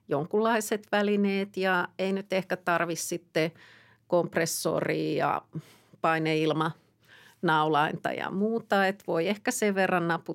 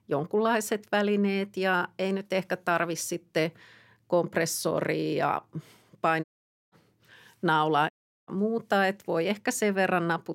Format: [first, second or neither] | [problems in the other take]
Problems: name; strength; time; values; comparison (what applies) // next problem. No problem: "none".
first | audio cutting out; at 6 s and at 8 s